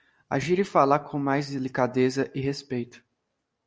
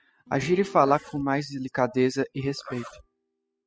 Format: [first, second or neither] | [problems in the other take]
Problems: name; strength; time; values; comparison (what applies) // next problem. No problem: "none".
first | noise reduction (classical method spectral subtraction)